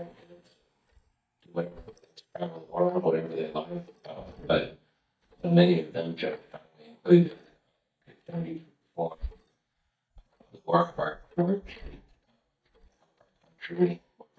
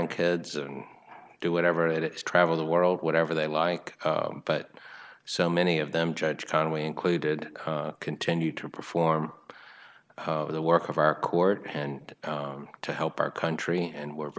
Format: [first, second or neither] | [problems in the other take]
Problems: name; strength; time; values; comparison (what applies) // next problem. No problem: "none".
second | noise reduction (neural mask model DeepFilterNet 3)